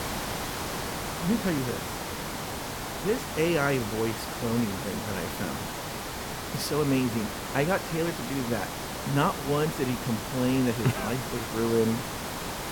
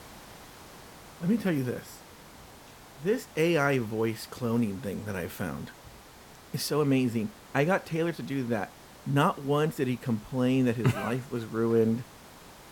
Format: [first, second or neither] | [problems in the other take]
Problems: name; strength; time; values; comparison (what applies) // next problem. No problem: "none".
second | hiss; loud; throughout; 5 dB below the speech; faint in the second